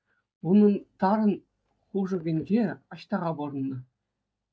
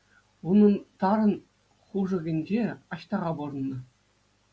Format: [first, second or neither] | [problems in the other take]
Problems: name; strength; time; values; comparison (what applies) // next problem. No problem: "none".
second | noise reduction (neural mask model DeepFilterNet 3)